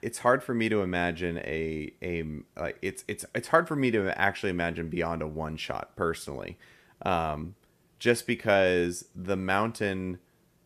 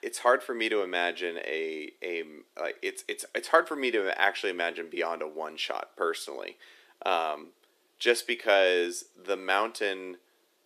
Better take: first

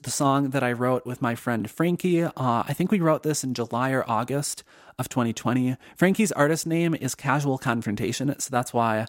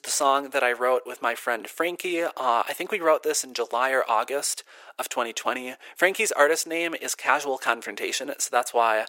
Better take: first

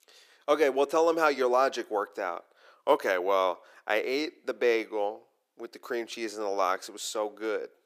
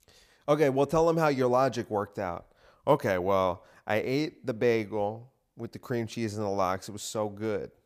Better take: second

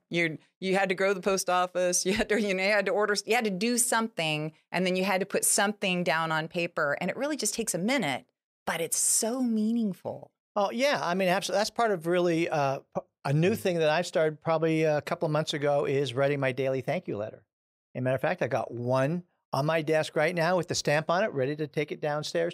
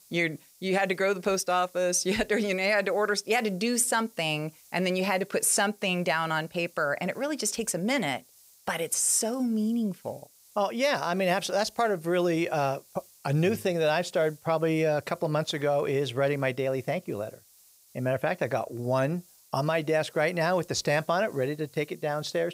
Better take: first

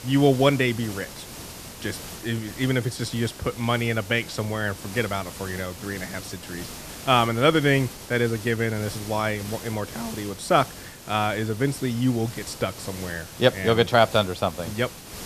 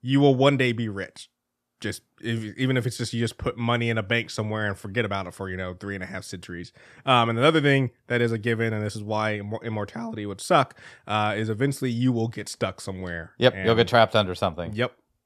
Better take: second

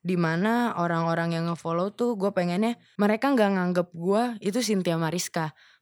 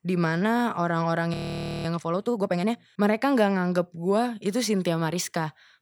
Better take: first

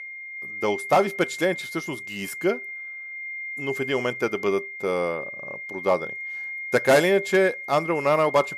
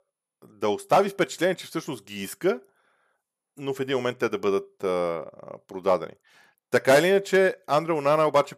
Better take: second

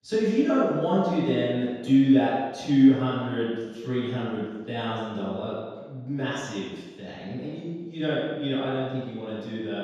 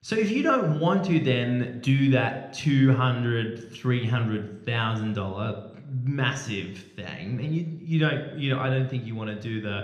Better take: second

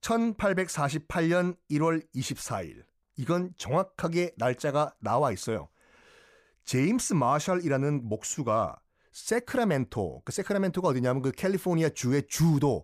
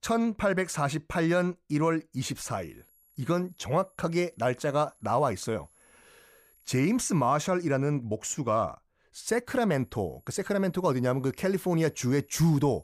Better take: first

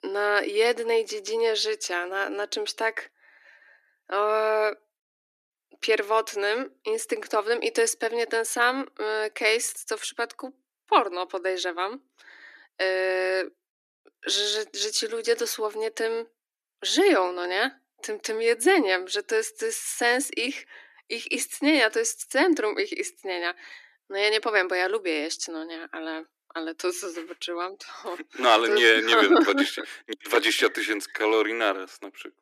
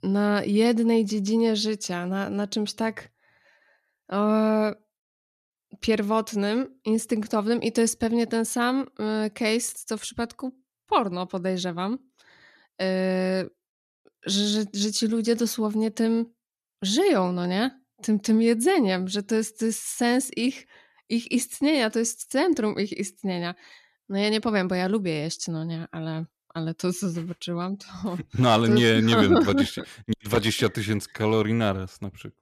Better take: second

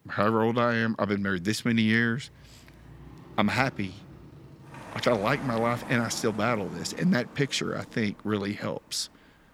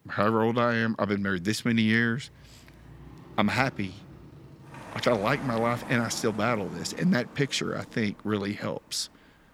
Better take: neither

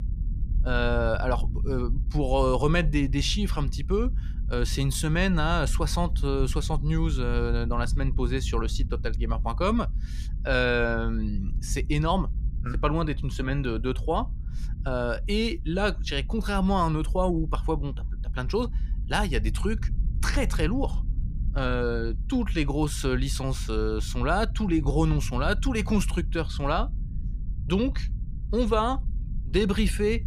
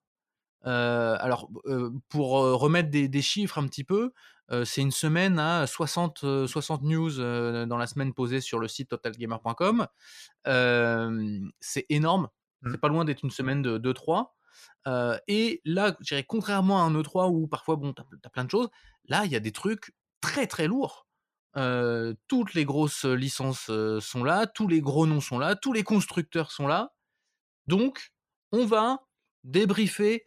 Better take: second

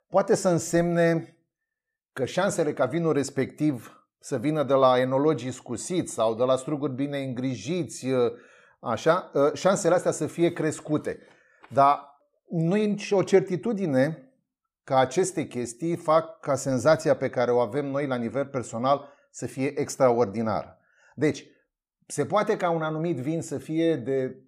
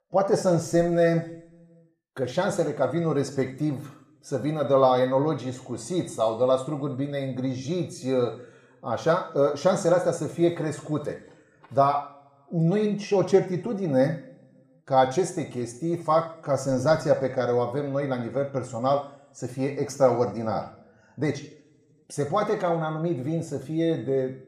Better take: first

